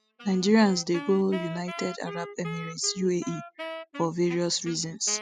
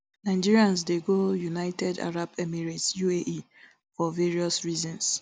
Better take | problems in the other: second | noise reduction (classical method spectral subtraction)

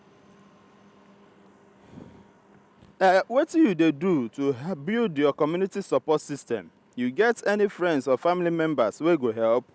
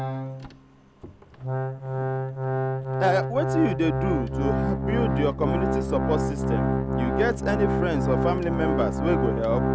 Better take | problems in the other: first | background sound (Organ); 3 dB above the speech

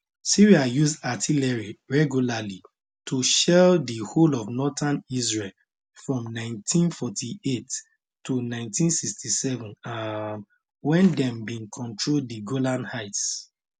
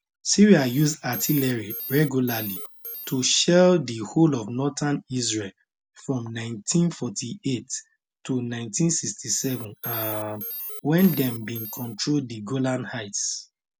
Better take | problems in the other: first | background sound (Alarm); 11 dB below the speech

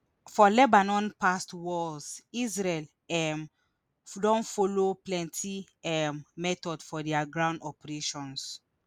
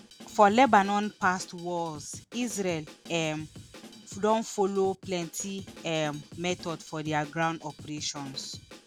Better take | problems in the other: first | background sound (Drum kit); 19 dB below the speech

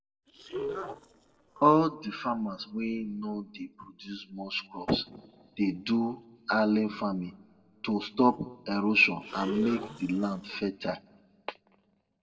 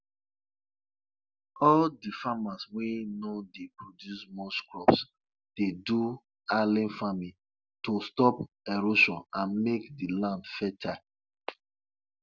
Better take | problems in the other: second | noise reduction (neural separator model SepFormer DNS4)

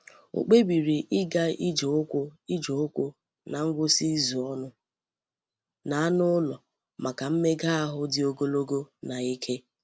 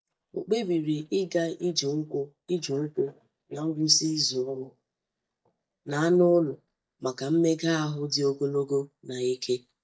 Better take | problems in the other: first | noise reduction (neural mask model DeepFilterNet 3)

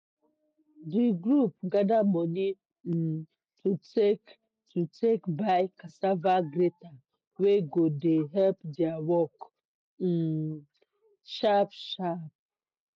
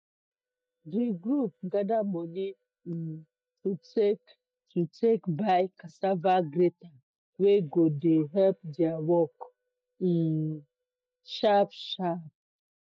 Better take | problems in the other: first | noise reduction (neural mask model DeepFilterNet 3)

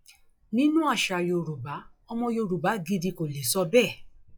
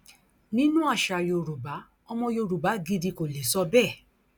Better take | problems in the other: second | noise reduction (classical method log-MMSE)

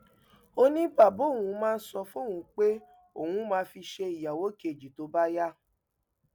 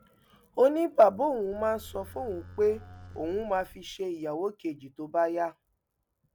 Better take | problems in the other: first | background sound (Livestock, farm animals, working animals); 19 dB below the speech

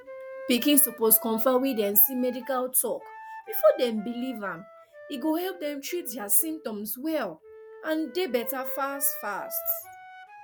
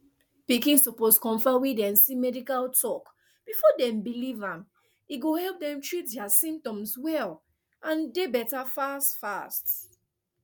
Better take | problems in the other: second | background sound (Wind instrument, woodwind instrument); 17 dB below the speech

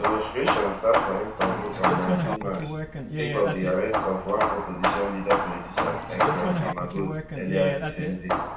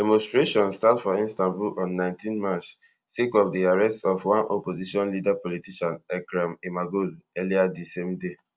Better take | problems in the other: second | background sound (Hammer / Wood); 1 dB above the speech // room echo; dies away in 0.3 s

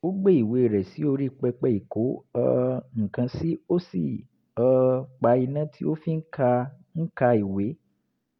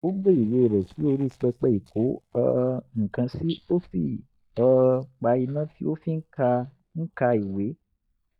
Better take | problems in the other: first | noise reduction (neural mask model DeepFilterNet 3)

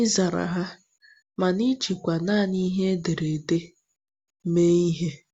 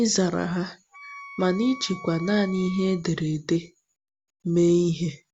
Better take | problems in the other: first | background sound (Wind instrument, woodwind instrument); 17 dB below the speech

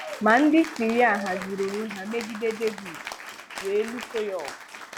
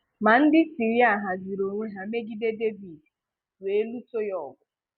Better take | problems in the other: second | background sound (Applause / Cheering); 12 dB below the speech

